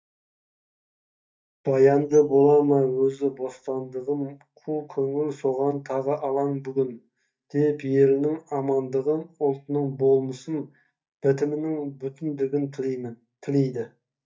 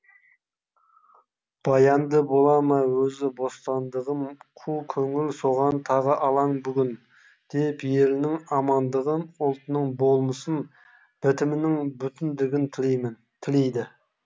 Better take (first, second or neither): second